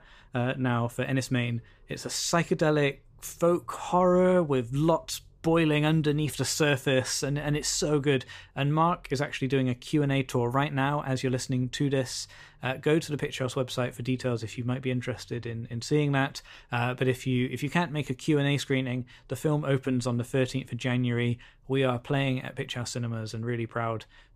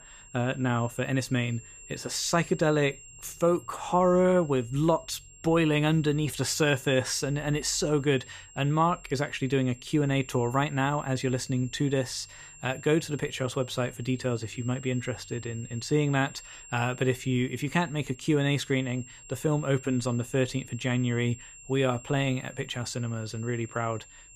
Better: first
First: none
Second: high-pitched whine; noticeable; throughout; 7.5 kHz, 20 dB below the speech

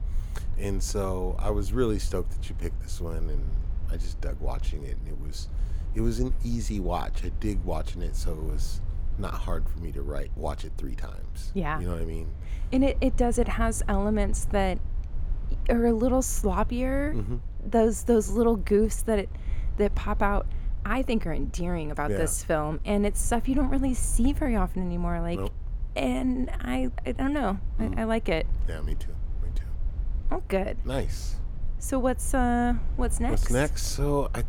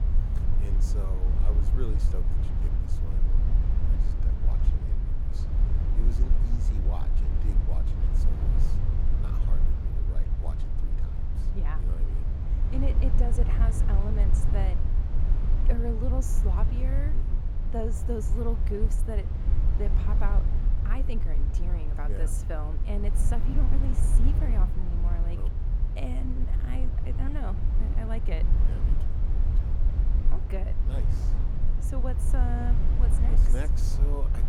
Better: first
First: low rumble; faint; throughout; 25 dB below the speech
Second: low rumble; loud; throughout; 3 dB below the speech

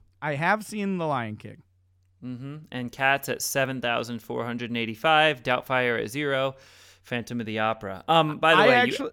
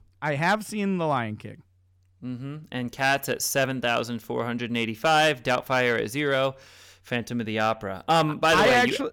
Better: first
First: none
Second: distortion; slight; 3% of the sound clipped

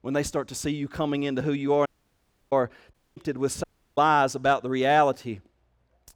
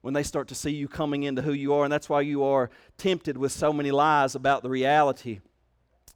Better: second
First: audio cutting out; at 2 s for 0.5 s, at 3 s and at 3.5 s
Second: none

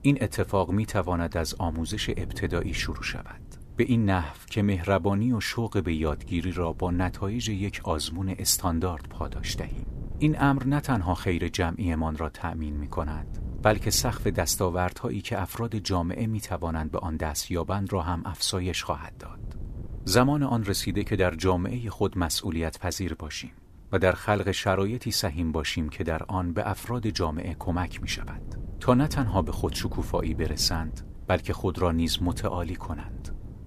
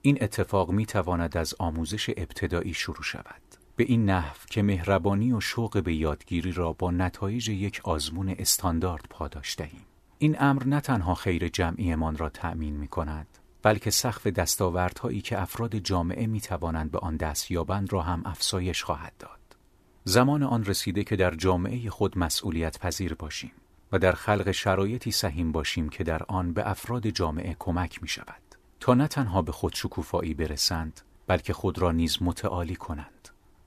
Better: second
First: wind noise on the microphone; occasional gusts; 25 dB below the speech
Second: none

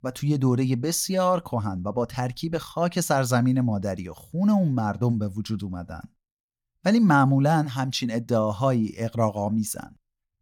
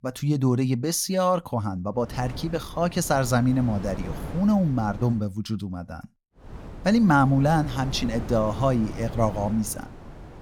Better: first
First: none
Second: wind noise on the microphone; occasional gusts; from 2 to 5 s and from 6.5 s on; 15 dB below the speech

